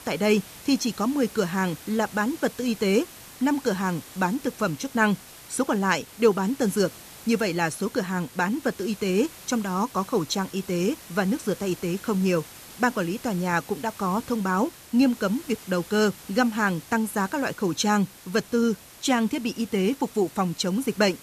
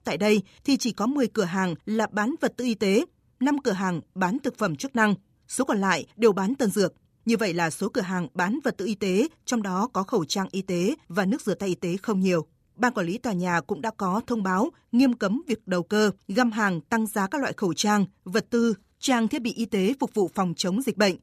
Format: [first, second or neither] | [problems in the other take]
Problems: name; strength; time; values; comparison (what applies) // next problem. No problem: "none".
second | hiss; noticeable; throughout; 20 dB below the speech